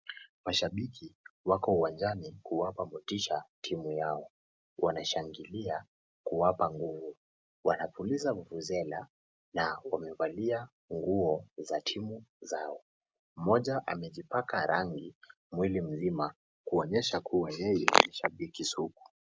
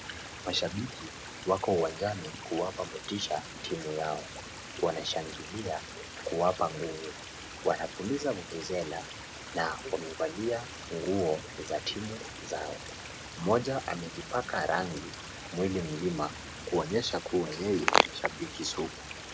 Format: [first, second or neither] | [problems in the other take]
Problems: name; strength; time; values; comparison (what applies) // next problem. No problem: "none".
first | background sound (Stream); 10 dB below the speech